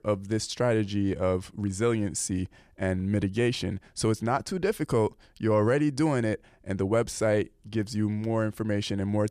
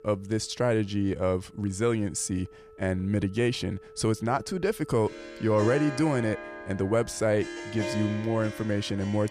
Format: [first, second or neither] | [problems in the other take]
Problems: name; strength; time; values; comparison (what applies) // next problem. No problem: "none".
first | background music; noticeable; throughout; 10 dB below the speech